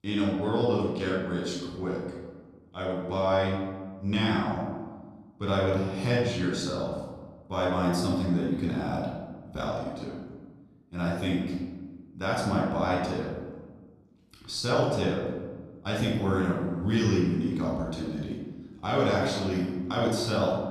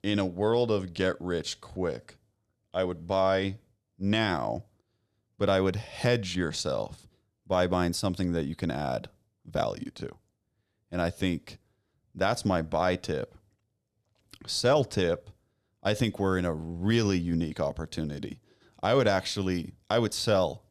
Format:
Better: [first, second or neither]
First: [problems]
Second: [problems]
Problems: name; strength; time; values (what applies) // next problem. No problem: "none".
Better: second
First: off-mic speech; far // room echo; noticeable; dies away in 1.3 s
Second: none